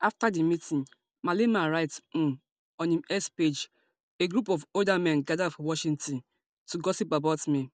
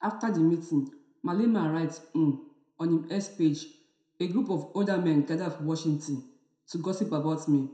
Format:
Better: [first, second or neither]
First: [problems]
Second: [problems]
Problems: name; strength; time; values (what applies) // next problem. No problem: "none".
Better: first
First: none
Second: room echo; dies away in 0.6 s